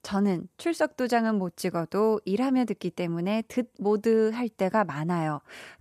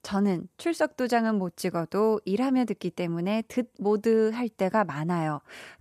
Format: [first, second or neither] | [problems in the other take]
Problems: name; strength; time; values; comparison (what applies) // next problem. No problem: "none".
neither | none